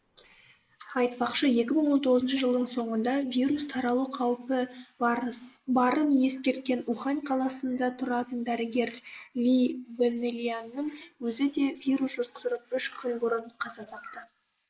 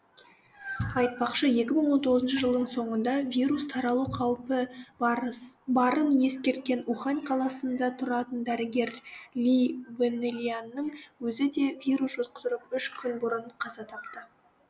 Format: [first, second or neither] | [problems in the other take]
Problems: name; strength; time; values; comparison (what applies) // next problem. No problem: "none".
second | noise reduction (neural mask model Resemble Enhance denoiser)